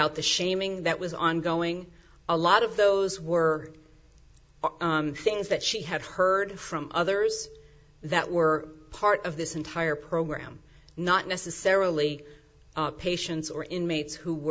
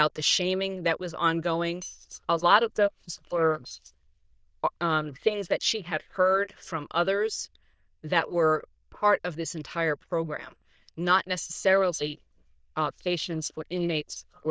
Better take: first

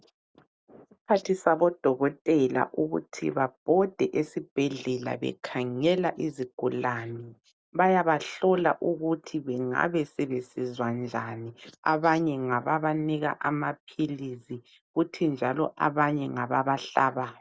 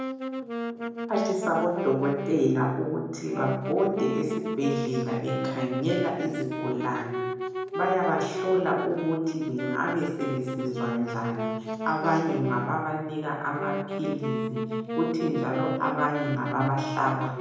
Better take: first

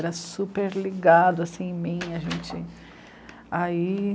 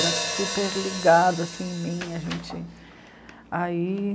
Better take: first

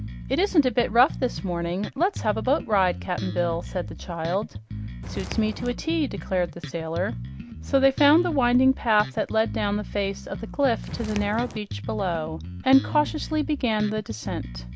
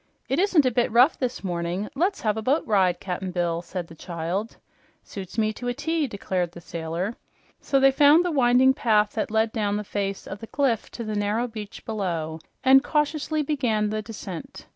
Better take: second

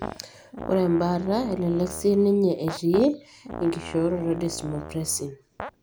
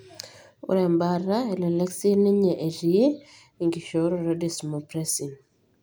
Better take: second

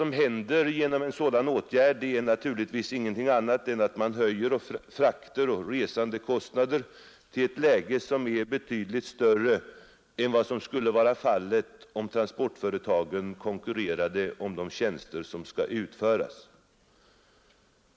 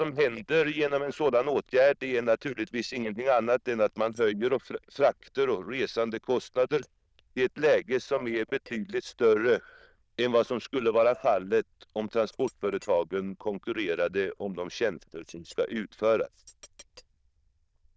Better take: first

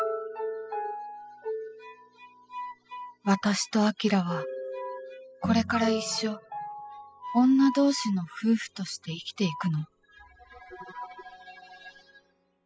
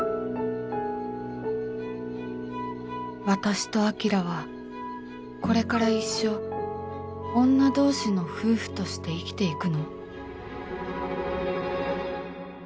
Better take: second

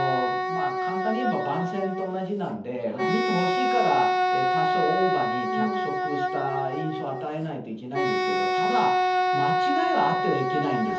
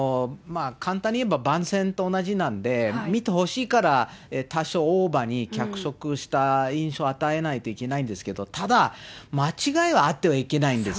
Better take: second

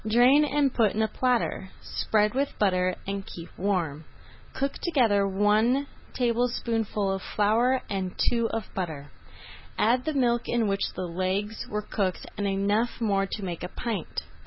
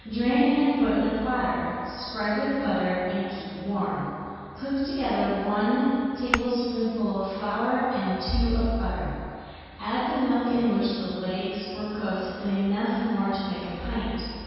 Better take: first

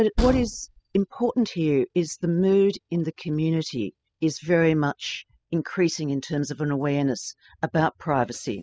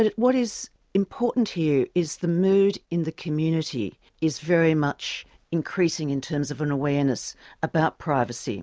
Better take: second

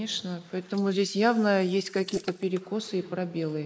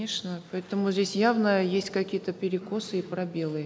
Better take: second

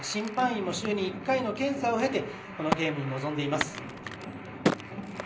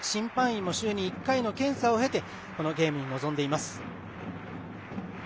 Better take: second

